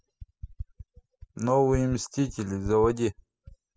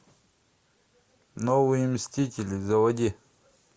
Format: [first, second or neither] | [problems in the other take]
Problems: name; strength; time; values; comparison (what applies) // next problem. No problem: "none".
second | noise reduction (classical method spectral subtraction)